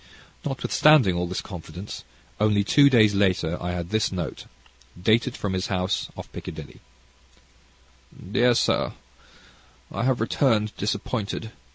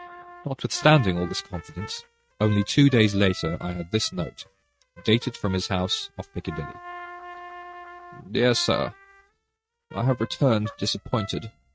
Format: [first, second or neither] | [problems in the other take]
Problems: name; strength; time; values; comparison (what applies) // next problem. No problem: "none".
first | noise reduction (neural mask model RNNoise)